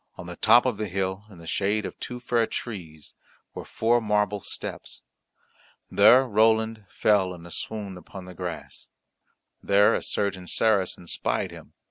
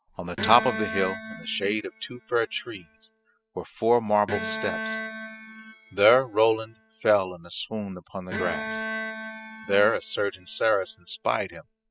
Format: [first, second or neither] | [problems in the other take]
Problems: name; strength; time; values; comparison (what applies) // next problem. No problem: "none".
first | noise reduction (classical method spectral subtraction)